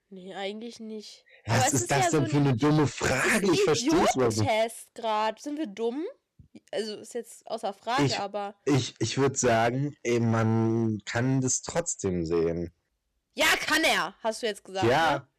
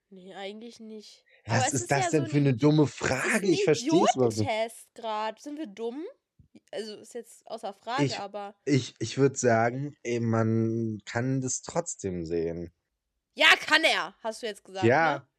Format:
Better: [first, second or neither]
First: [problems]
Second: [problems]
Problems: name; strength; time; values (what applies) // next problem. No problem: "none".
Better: second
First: distortion; heavy; 9% of the sound clipped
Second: none